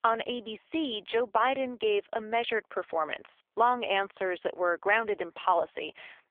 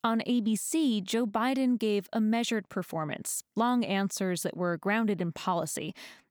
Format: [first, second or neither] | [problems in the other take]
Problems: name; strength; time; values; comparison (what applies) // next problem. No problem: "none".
second | phone-call audio; poor line; nothing above 3.5 kHz